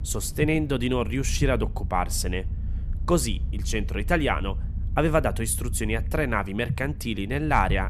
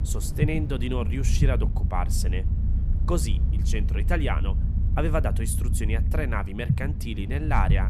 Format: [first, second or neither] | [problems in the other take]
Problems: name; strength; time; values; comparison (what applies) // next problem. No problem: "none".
first | low rumble; loud; throughout; 9 dB below the speech; faint in the first